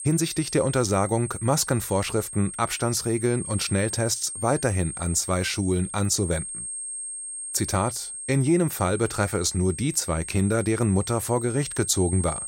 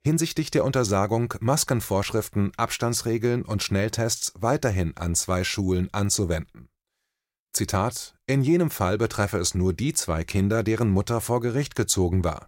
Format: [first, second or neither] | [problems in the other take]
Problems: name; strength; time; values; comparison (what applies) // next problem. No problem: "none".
second | high-pitched whine; loud; throughout; 8.5 kHz, 8 dB below the speech